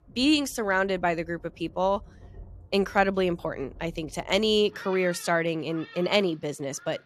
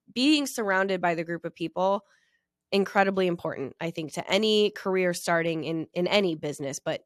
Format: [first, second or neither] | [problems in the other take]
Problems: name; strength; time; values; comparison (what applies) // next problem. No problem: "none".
second | rain or running water; faint; throughout; 20 dB below the speech